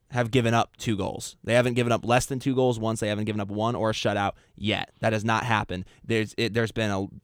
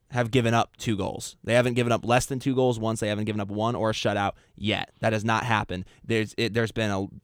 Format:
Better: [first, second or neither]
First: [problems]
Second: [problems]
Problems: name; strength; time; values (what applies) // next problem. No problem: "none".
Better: neither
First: none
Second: none